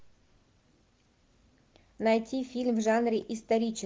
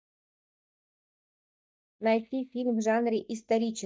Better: first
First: none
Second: noise reduction (neural mask model DeepFilterNet 3)

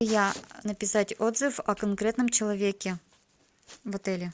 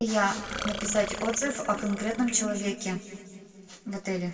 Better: first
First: none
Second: background sound (Burping, eructation); 11 dB below the speech // room echo; dies away in 1.9 s

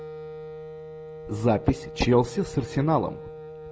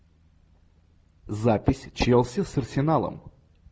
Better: second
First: background sound (Wind instrument, woodwind instrument); 13 dB below the speech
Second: none

